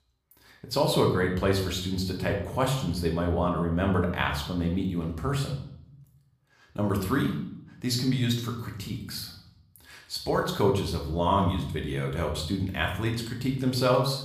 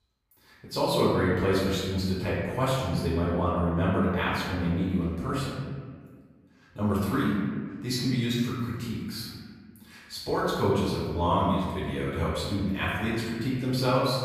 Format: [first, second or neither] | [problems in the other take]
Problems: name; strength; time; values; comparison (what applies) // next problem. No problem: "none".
first | room echo; strong; dies away in 1.6 s; slight in the first // off-mic speech; far; somewhat distant in the first